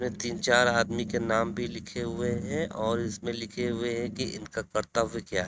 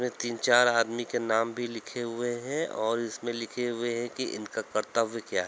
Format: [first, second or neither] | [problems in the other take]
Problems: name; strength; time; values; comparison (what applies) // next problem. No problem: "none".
second | noise reduction (neural mask model RNNoise)